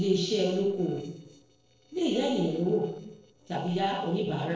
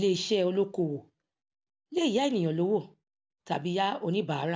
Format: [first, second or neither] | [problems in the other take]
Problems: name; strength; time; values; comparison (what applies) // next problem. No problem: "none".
second | noise reduction (neural separator model SepFormer DNS4)